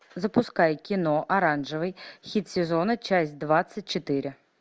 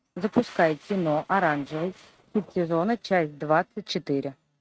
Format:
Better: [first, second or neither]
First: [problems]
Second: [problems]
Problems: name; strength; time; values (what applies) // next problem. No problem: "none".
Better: first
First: none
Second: noise reduction (neural mask model RNNoise)